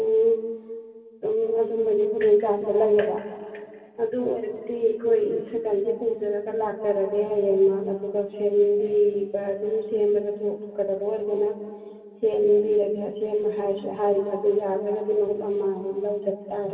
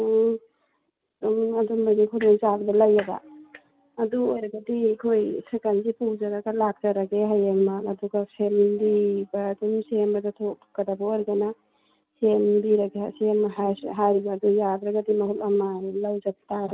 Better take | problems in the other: second | room echo; dies away in 2.7 s

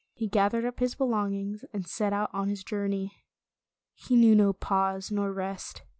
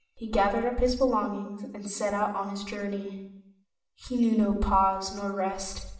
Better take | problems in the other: first | room echo; dies away in 0.8 s

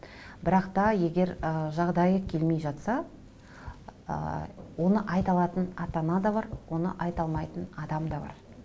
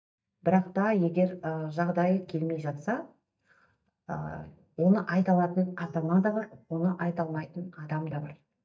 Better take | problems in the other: first | noise reduction (neural mask model DeepFilterNet 3)

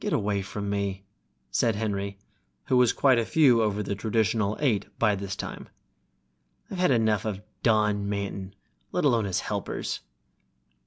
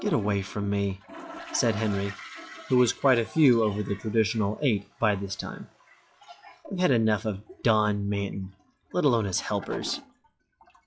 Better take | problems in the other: first | noise reduction (classical method log-MMSE)

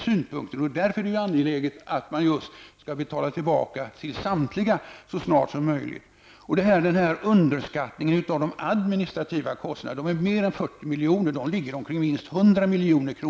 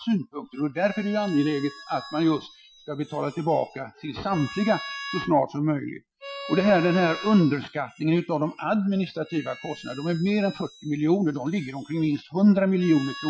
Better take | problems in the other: first | noise reduction (classical method Wiener filter)

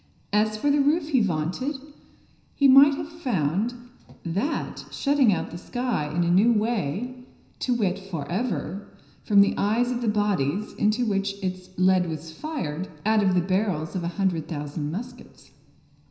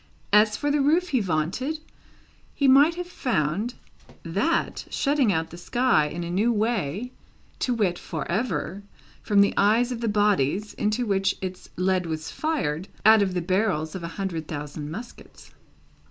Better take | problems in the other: second | room echo; dies away in 0.9 s

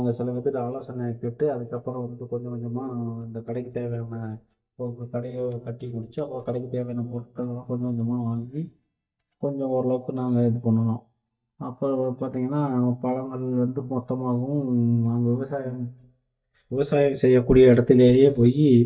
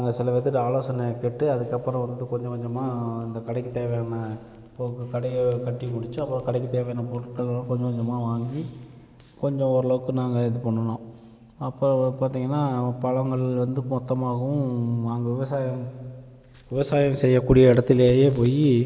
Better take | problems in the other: second | noise reduction (neural mask model DeepFilterNet 3)

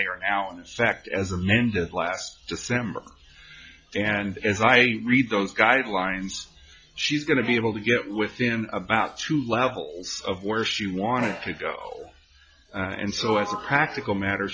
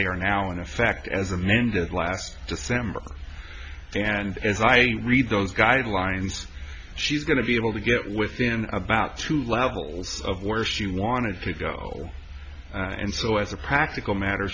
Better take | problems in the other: second | noise reduction (classical method log-MMSE)

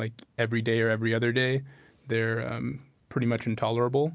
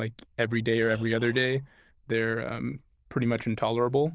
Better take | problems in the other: first | noise reduction (neural diffusion model UNIVERSE++)

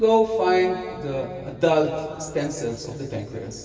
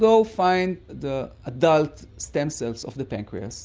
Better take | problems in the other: second | room echo; dies away in 2.5 s

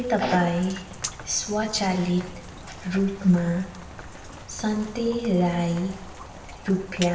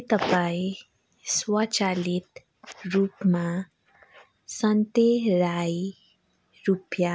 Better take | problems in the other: second | background sound (Rain); 14 dB below the speech // room echo; dies away in 1.2 s

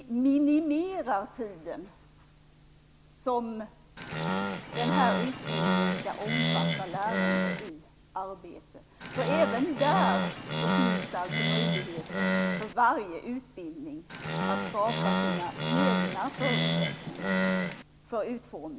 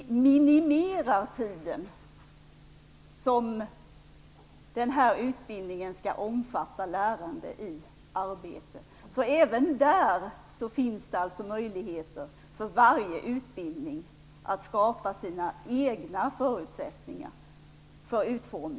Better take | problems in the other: second | background sound (Animal); 3 dB above the speech

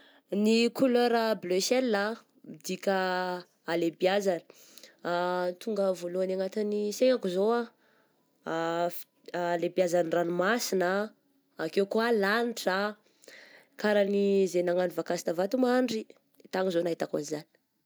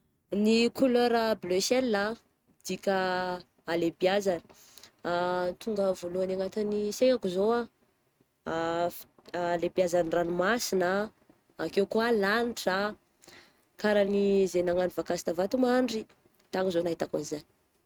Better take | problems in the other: first | noise reduction (neural mask model RNNoise)

